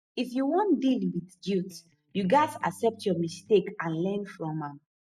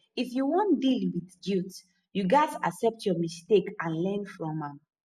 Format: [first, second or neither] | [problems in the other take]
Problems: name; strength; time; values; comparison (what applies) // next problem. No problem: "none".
second | noise reduction (neural mask model DeepFilterNet 3)